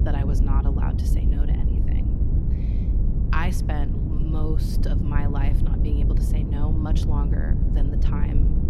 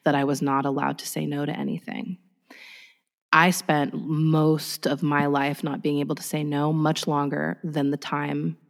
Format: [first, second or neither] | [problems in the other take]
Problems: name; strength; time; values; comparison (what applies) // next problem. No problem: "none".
second | low rumble; loud; throughout; 2 dB below the speech